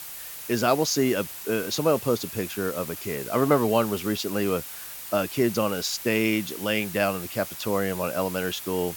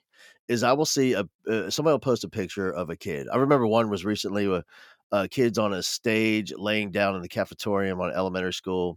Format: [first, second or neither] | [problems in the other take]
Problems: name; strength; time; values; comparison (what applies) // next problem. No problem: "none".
second | hiss; loud; throughout; 9 dB below the speech